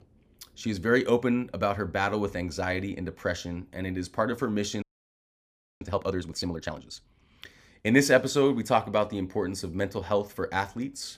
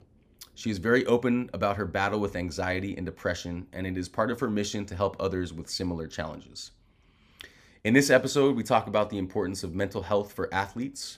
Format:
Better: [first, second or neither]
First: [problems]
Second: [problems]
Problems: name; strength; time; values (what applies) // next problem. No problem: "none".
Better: second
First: audio freezing; at 5 s for 1 s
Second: none